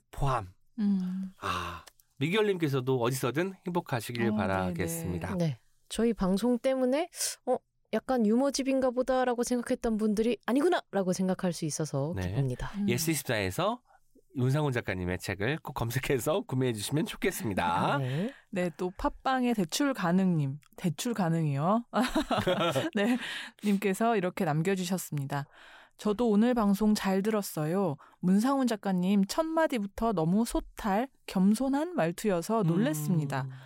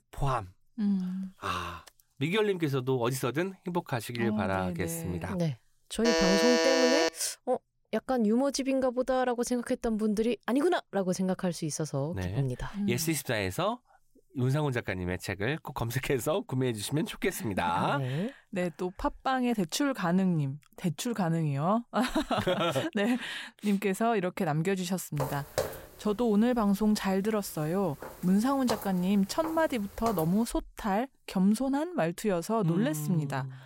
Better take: first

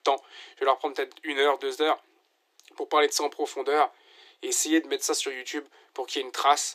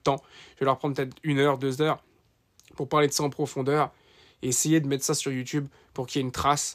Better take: second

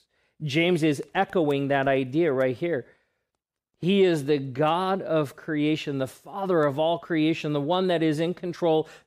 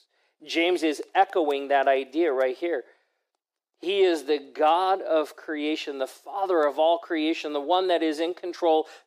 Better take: first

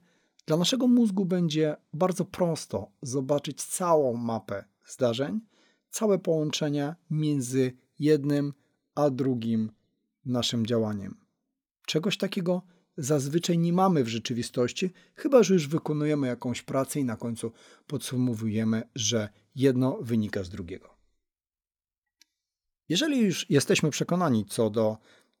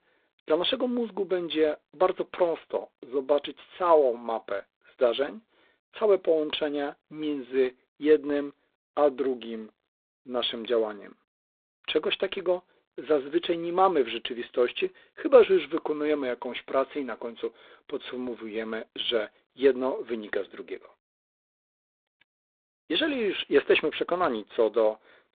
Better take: first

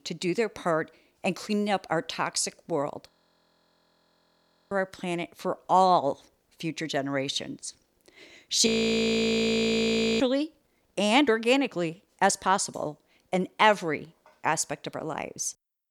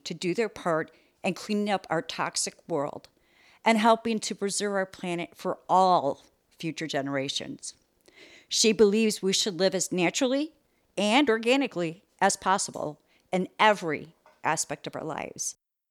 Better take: second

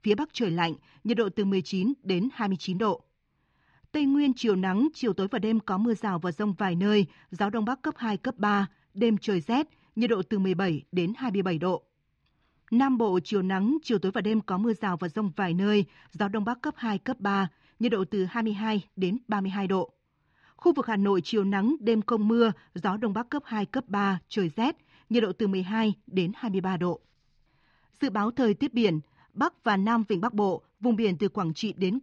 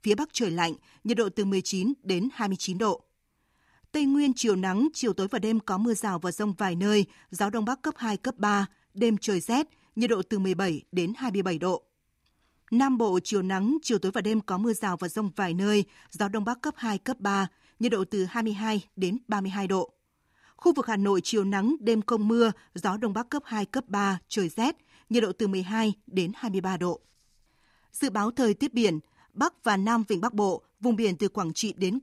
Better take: second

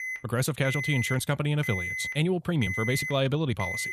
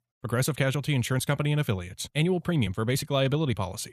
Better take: second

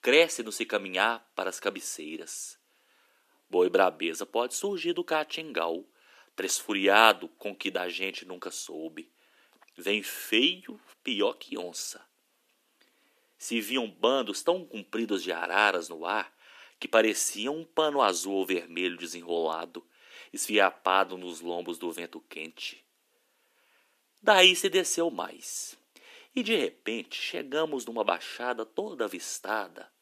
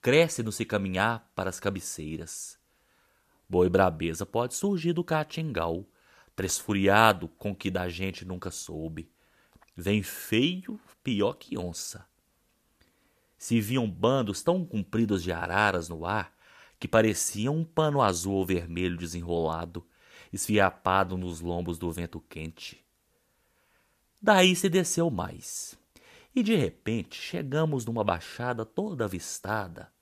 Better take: second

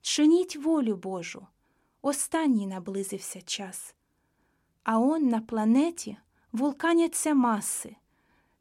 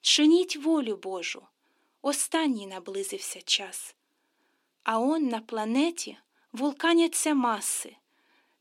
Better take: first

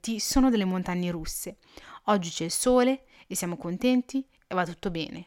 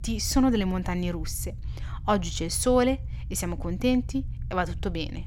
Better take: first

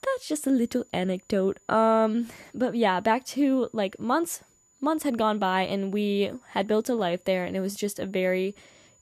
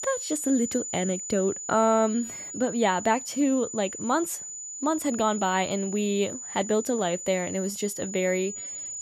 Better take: first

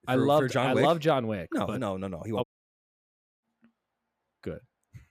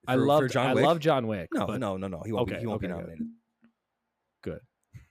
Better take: second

